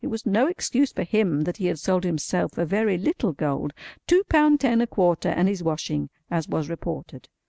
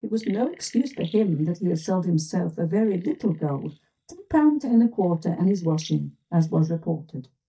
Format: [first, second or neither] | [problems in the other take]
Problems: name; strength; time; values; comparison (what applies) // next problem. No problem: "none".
first | noise reduction (neural mask model DeepFilterNet 3)